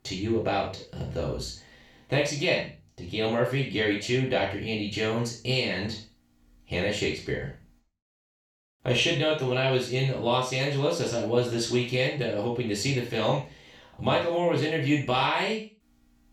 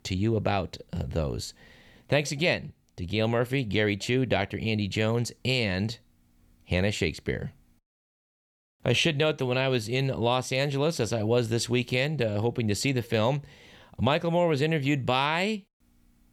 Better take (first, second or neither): second